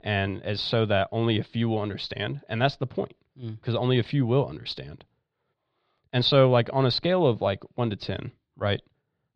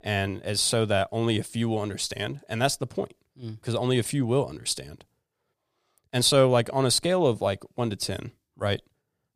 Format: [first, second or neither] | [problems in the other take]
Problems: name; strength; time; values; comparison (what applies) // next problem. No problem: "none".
second | muffled; very slightly; fading above 4 kHz